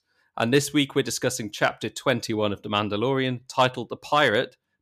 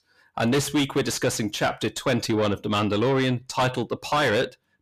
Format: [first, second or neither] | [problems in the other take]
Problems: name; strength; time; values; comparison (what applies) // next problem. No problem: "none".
first | distortion; heavy; 6 dB below the speech